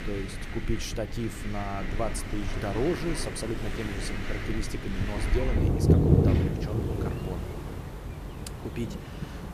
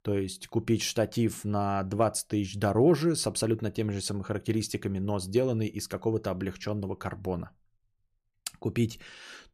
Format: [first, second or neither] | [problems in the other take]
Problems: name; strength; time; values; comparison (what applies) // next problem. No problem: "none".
second | rain or running water; very loud; throughout; 5 dB above the speech